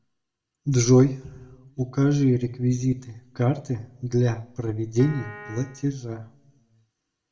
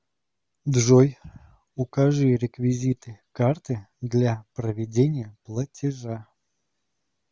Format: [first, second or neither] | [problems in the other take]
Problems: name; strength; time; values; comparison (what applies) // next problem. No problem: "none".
second | background sound (Piano); 17 dB below the speech // room echo; dies away in 0.4 s